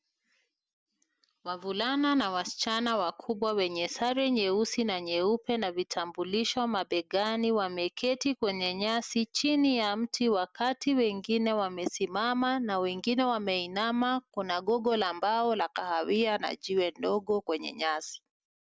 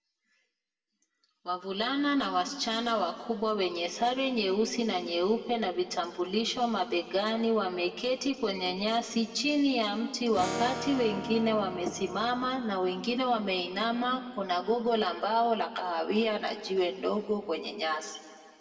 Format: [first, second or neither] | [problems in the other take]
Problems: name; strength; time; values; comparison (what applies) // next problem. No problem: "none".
first | background sound (Acoustic guitar / Strum); 9 dB below the speech // room echo; dies away in 2 s